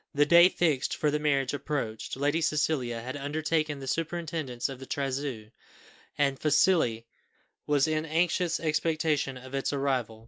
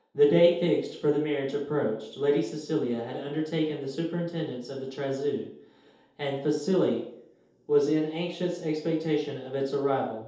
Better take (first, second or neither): first